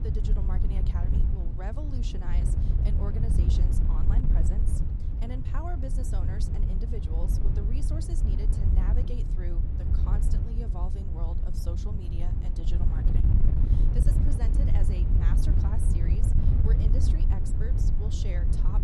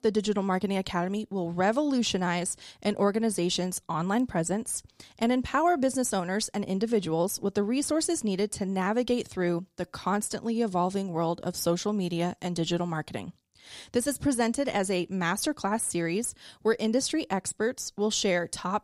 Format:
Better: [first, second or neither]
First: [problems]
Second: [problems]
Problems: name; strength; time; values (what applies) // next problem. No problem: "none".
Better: second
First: wind noise on the microphone; heavy; 2 dB above the speech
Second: none